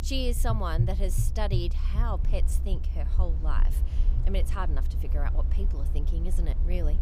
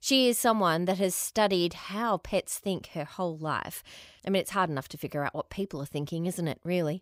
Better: second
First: low rumble; loud; throughout; 9 dB below the speech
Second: none

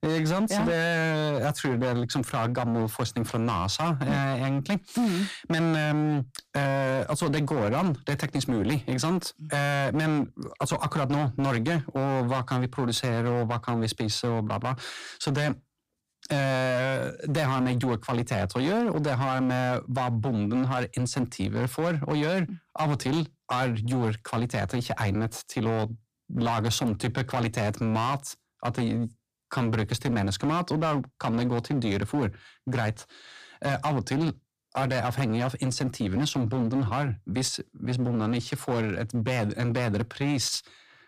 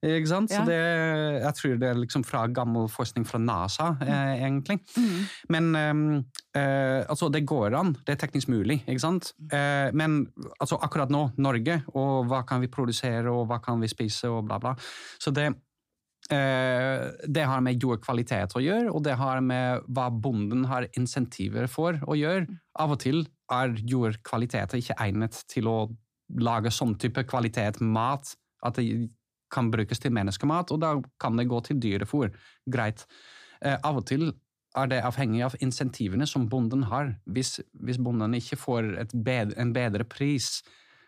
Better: second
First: distortion; slight; 15% of the sound clipped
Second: none

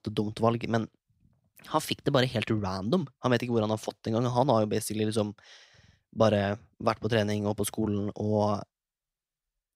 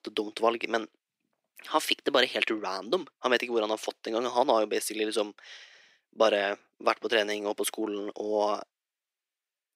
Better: first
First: none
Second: thin; somewhat; fading below 350 Hz

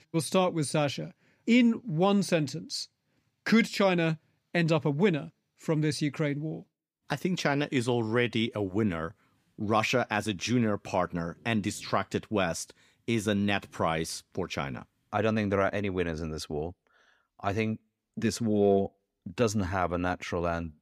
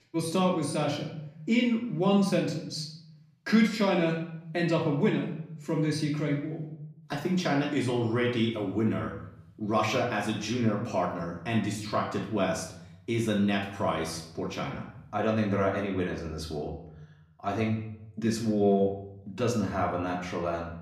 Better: first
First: none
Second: off-mic speech; far // room echo; slight; dies away in 0.7 s

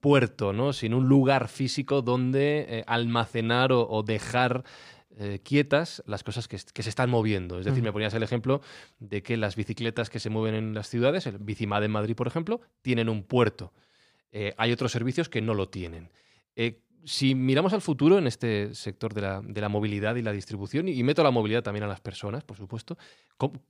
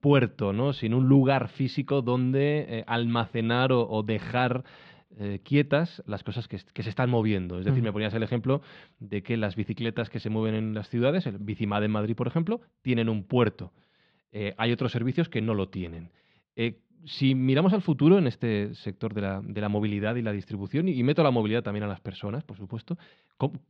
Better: first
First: none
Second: muffled; very slightly; fading above 3.5 kHz

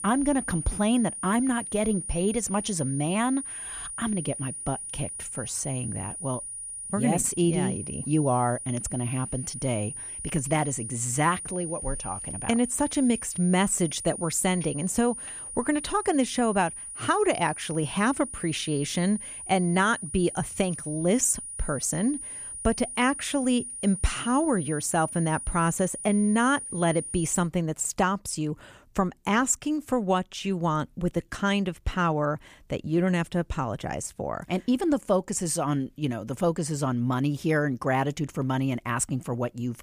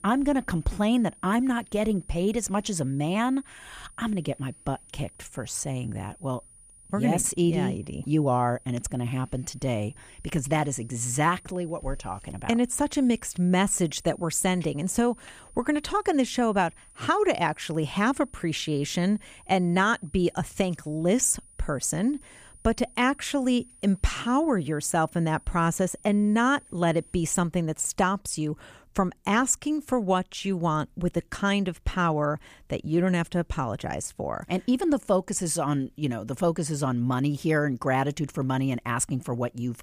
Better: second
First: high-pitched whine; loud; until 27 s; 9.5 kHz, 8 dB below the speech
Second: high-pitched whine; faint; until 27 s; 9.5 kHz, 25 dB below the speech

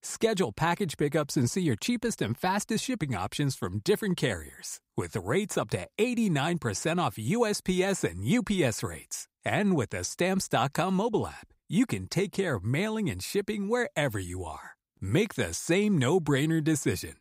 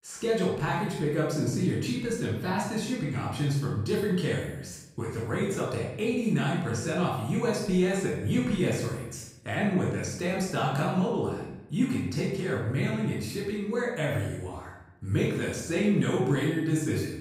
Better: first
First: none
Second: off-mic speech; far // room echo; noticeable; dies away in 0.8 s

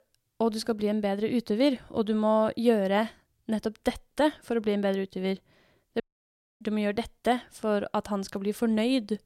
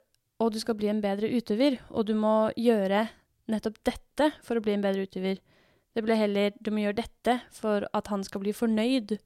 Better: second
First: audio cutting out; at 6 s for 0.5 s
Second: none

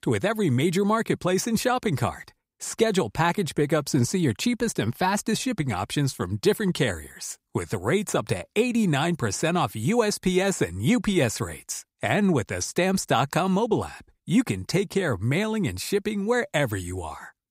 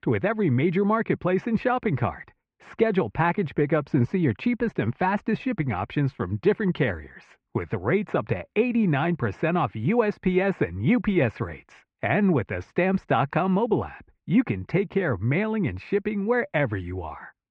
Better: first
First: none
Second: muffled; very; fading above 2.5 kHz

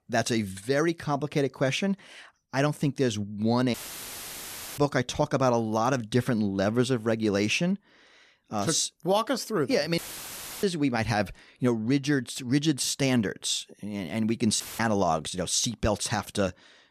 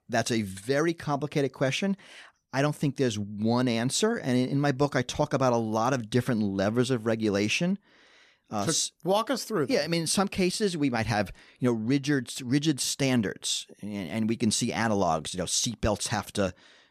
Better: second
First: audio cutting out; filled with static; at 3.5 s for 1 s, at 10 s for 0.5 s and at 15 s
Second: none

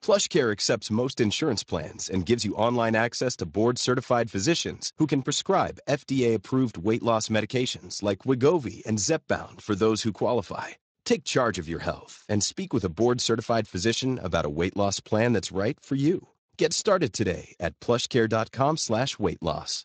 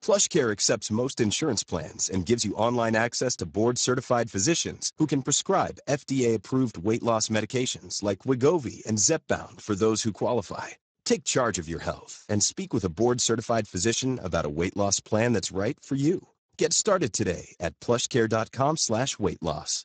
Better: first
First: garbled, watery; slightly; nothing above 7.5 kHz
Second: garbled, watery; badly; nothing above 7.5 kHz

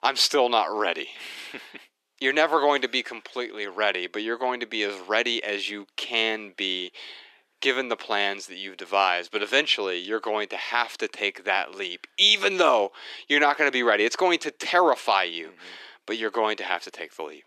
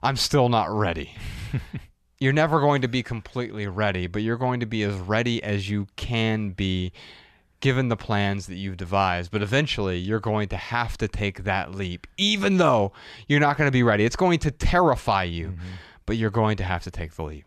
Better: second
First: thin; very; fading below 300 Hz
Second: none

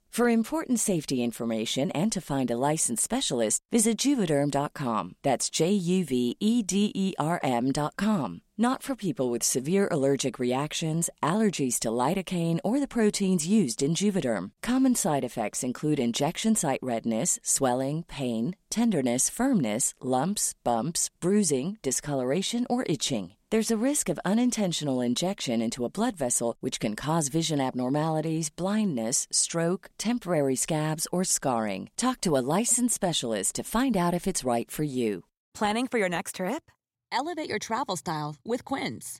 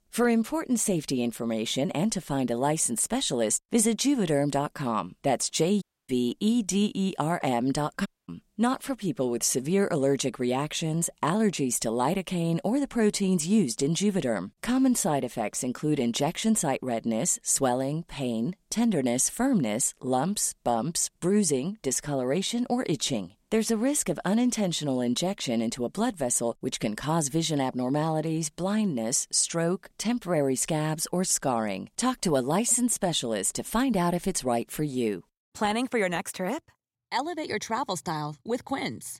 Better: first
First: none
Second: audio cutting out; at 6 s and at 8 s

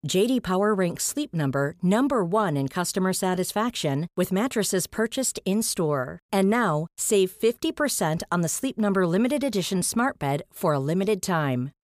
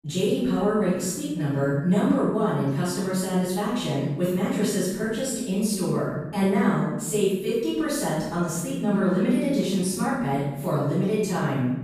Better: first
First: none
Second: off-mic speech; far // room echo; strong; dies away in 1.1 s

